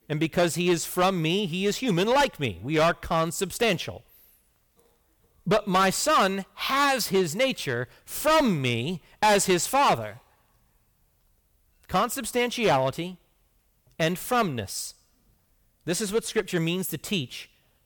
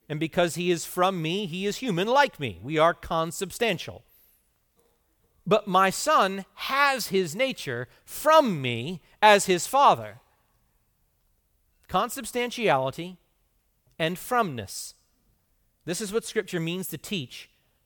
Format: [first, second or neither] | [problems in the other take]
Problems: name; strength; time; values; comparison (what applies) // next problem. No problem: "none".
second | distortion; heavy; 5% of the sound clipped